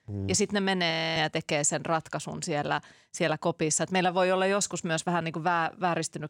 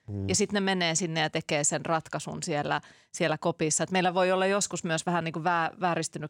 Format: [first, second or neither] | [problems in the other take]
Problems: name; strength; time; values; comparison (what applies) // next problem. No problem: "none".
second | audio freezing; at 1 s